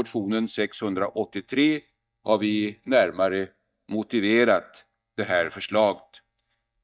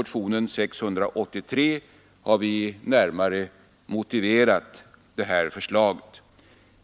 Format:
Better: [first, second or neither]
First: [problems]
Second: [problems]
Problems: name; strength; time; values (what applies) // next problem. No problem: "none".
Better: second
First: noise reduction (neural mask model DeepFilterNet 3)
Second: none